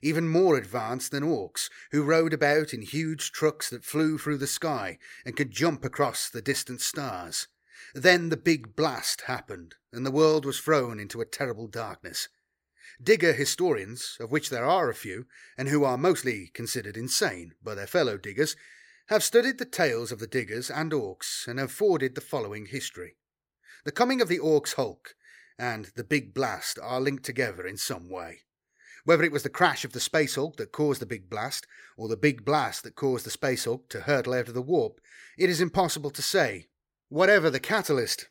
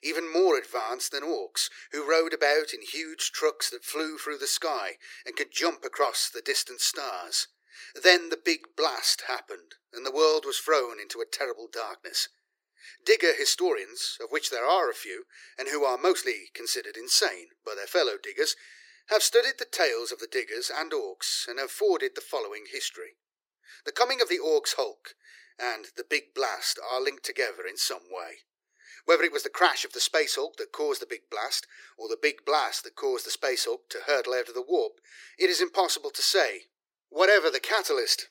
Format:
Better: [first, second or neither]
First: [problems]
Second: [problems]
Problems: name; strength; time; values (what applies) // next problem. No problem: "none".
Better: first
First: none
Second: thin; very; fading below 350 Hz